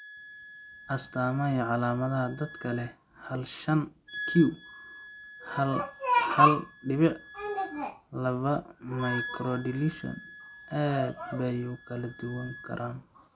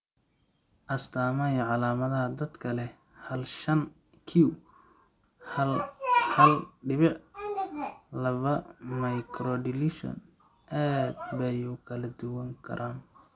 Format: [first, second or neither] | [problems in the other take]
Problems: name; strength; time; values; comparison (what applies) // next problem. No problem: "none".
second | background sound (Wind instrument, woodwind instrument); 16 dB below the speech